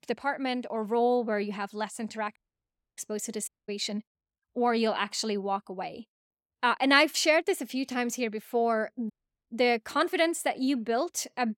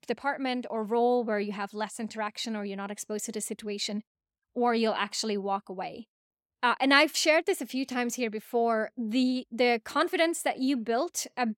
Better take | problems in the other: second | audio cutting out; at 2.5 s for 0.5 s, at 3.5 s and at 9 s

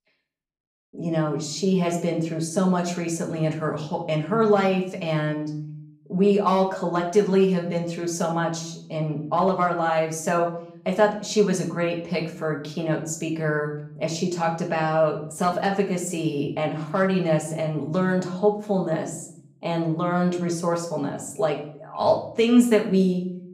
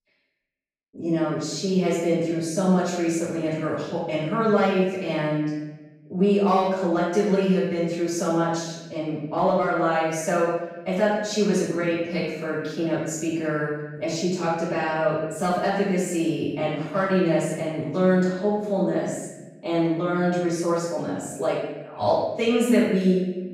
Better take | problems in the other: first | room echo; strong; dies away in 1 s; slight in the first // off-mic speech; far; somewhat distant in the first

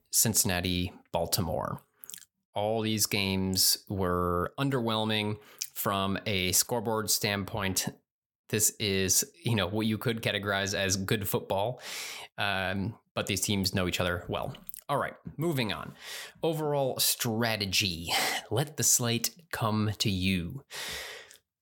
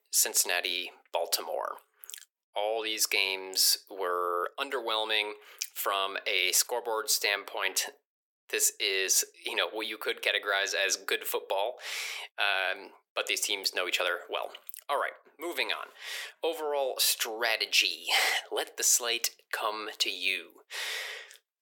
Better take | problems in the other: first | thin; very; fading below 350 Hz

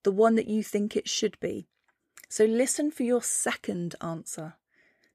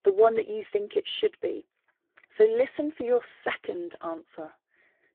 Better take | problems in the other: first | phone-call audio; poor line

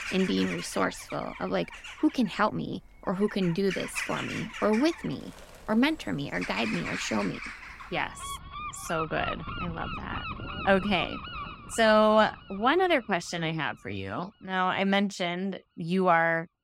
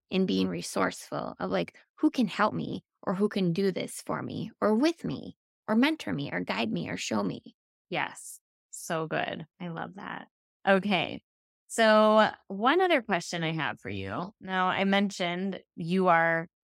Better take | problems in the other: second | animal sounds; noticeable; throughout; 10 dB below the speech

